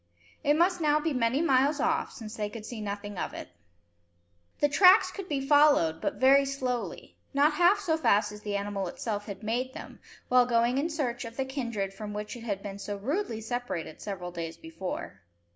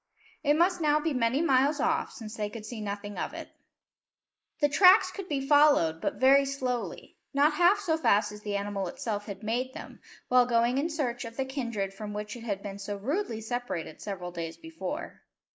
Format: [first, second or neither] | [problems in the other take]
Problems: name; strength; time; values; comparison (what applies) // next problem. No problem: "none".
first | noise reduction (neural mask model Resemble Enhance denoiser)